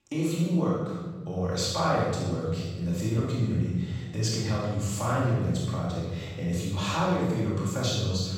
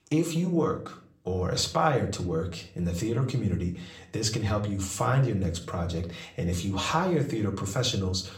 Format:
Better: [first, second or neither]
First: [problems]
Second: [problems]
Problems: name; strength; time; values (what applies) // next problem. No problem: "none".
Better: second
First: room echo; strong; dies away in 1.8 s // off-mic speech; far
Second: room echo; slight; dies away in 0.4 s // off-mic speech; somewhat distant